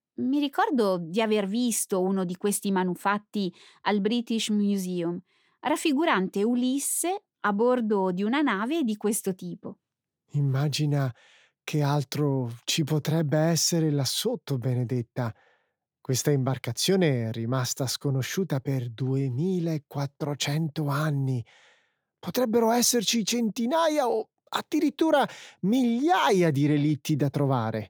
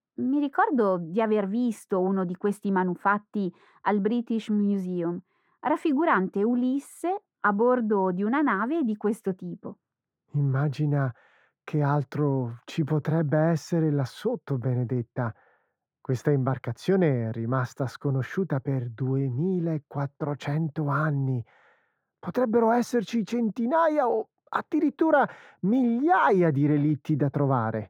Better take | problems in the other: first | muffled; very; fading above 2.5 kHz

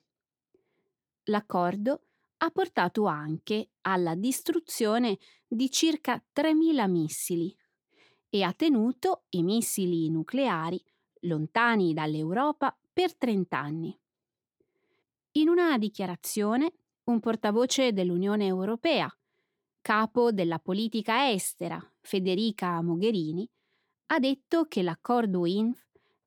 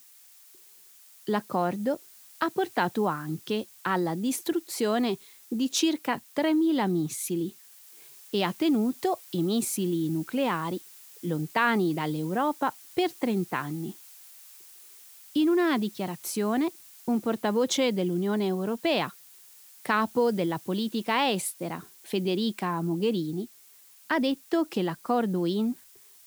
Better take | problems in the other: first | hiss; faint; throughout; 20 dB below the speech

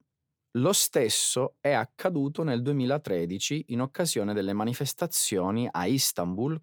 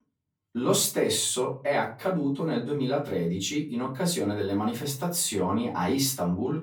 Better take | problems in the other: first | off-mic speech; far // room echo; very slight; dies away in 0.3 s

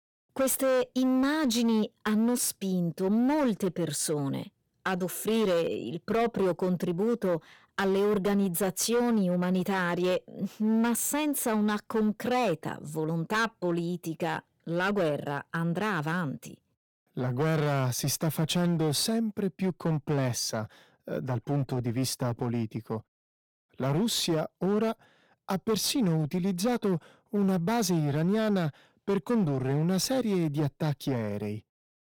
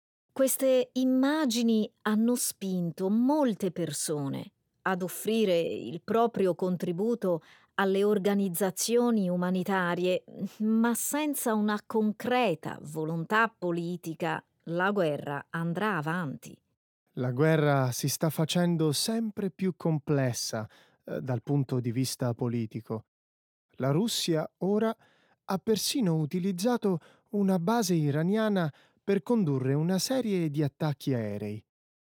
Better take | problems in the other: second | distortion; slight; 12% of the sound clipped

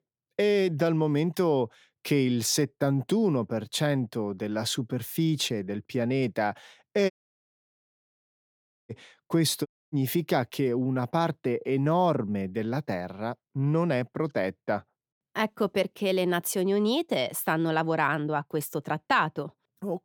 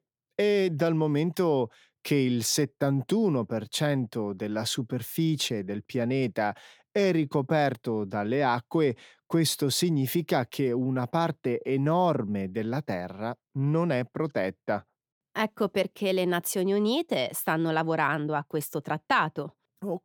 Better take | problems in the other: second | audio cutting out; at 7 s for 2 s and at 9.5 s

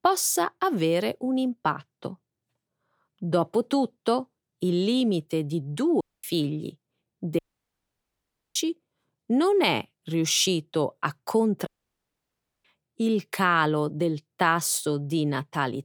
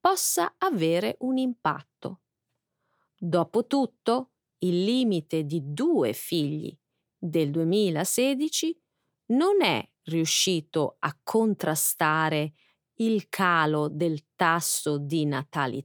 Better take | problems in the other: second | audio cutting out; at 6 s, at 7.5 s for 1 s and at 12 s for 1 s

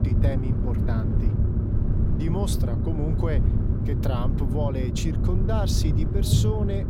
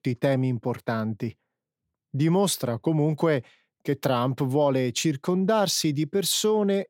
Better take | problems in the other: second | low rumble; loud; throughout; 3 dB below the speech

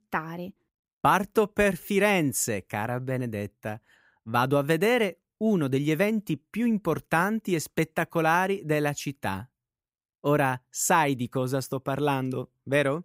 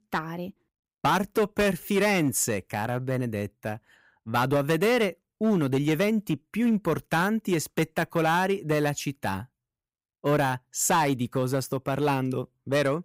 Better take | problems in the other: first | distortion; slight; 6% of the sound clipped

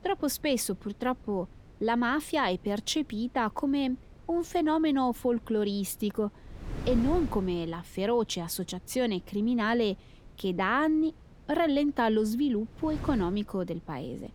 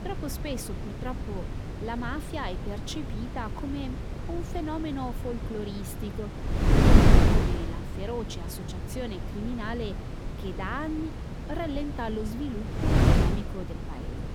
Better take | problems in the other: first | wind noise on the microphone; heavy; 1 dB above the speech; occasional gusts in the first

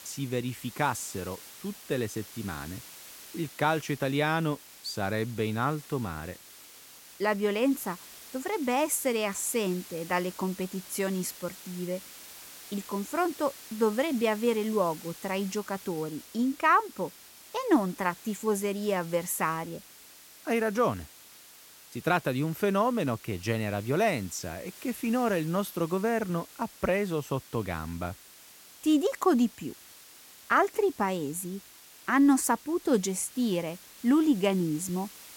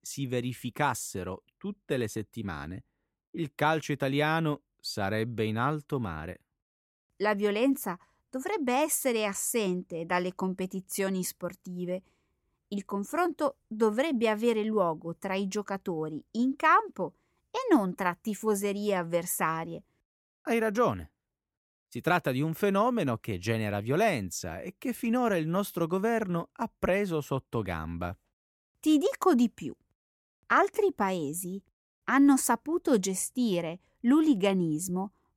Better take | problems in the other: second | hiss; noticeable; throughout; 15 dB below the speech

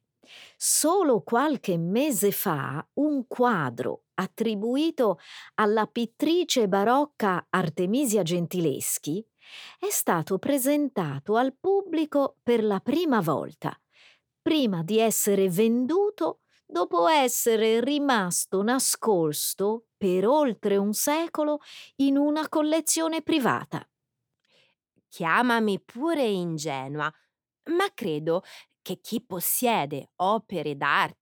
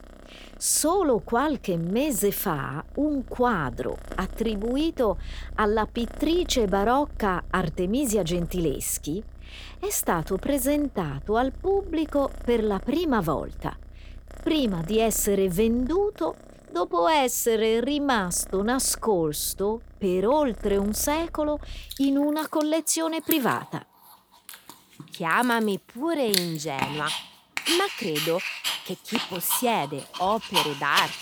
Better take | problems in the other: first | animal sounds; loud; throughout; 9 dB below the speech

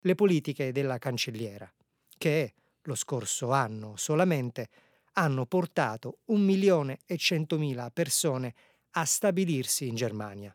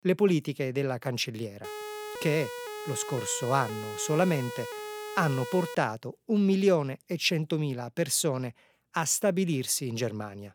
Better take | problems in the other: first | siren; noticeable; from 1.5 to 6 s; peak 9 dB below the speech

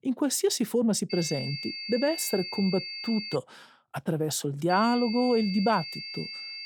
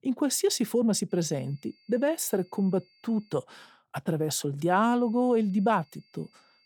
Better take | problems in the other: second | high-pitched whine; loud; from 1 to 3.5 s and from 4.5 s on; 4.5 kHz, 8 dB below the speech; faint in the second

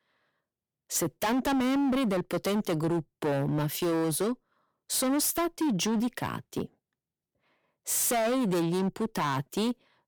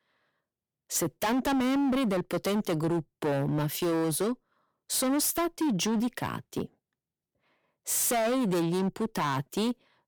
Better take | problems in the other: neither | distortion; heavy; 19% of the sound clipped; the same in both

